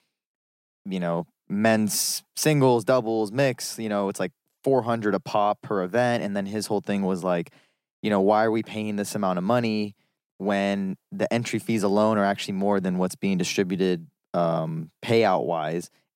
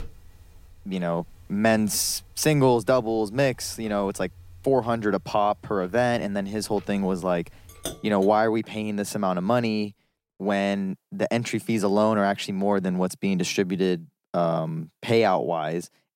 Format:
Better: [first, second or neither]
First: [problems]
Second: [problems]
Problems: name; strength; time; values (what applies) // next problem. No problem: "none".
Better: first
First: none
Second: household noises; faint; until 9.5 s; 20 dB below the speech